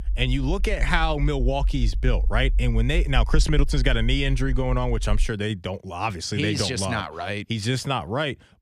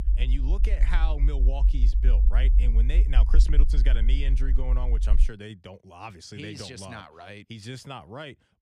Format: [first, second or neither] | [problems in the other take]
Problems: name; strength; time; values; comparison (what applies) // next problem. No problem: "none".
first | low rumble; loud; until 5.5 s; 8 dB below the speech; faint in the first